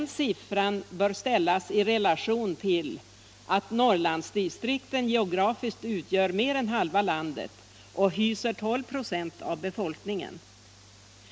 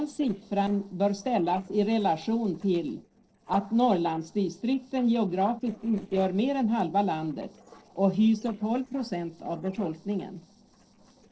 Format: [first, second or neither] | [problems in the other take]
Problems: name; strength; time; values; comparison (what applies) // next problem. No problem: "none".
first | noise reduction (neural separator model SepFormer DNS4)